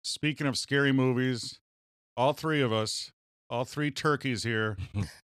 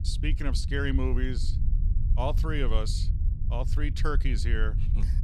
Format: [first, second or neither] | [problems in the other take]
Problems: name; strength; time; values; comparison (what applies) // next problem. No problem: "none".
first | low rumble; noticeable; throughout; 15 dB below the speech